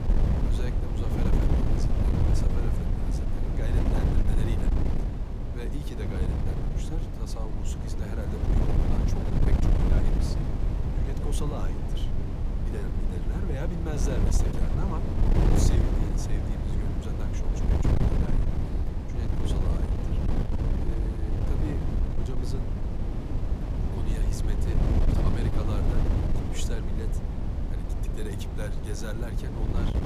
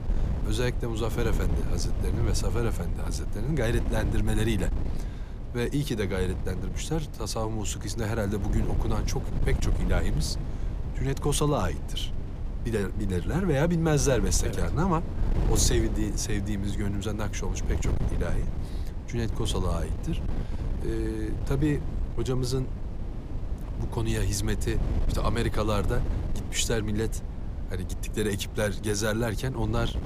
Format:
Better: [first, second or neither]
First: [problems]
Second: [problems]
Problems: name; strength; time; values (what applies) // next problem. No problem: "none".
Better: second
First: wind noise on the microphone; heavy; 4 dB above the speech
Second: wind noise on the microphone; occasional gusts; 10 dB below the speech